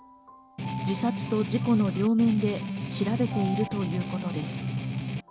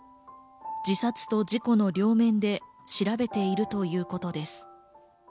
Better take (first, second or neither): second